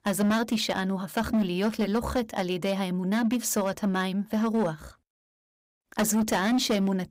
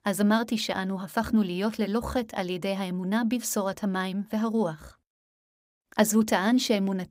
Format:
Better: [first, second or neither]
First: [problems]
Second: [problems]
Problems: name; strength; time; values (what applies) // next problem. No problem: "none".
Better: second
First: distortion; slight; 9% of the sound clipped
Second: none